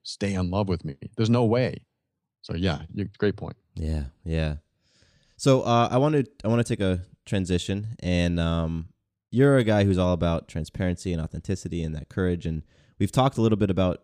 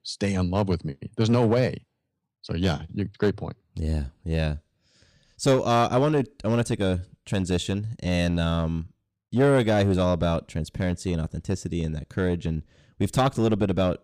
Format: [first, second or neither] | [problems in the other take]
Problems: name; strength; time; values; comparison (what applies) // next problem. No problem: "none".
first | distortion; slight; 5% of the sound clipped